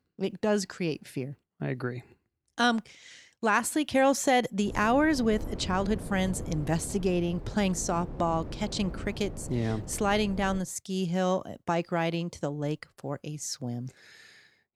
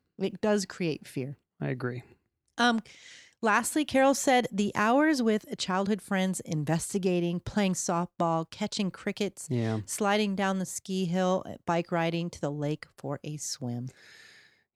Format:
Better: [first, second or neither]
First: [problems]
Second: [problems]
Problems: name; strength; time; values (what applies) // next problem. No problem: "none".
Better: second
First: wind noise on the microphone; occasional gusts; from 4.5 to 11 s; 15 dB below the speech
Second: none